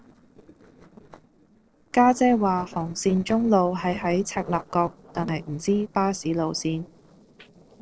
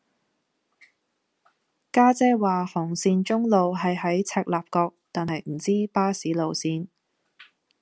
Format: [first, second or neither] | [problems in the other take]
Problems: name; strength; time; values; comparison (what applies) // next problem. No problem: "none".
second | noise reduction (neural separator model SepFormer DNS4)